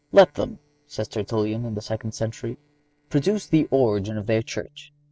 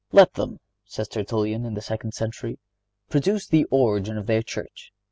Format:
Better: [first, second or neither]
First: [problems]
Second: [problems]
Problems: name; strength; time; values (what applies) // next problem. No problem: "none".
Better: second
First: noise reduction (neural separator model SepFormer DNS4)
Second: none